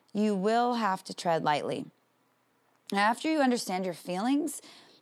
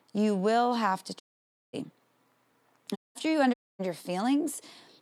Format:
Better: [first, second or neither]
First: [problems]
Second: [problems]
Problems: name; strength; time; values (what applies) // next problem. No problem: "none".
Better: first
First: none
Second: audio cutting out; at 1 s for 0.5 s, at 3 s and at 3.5 s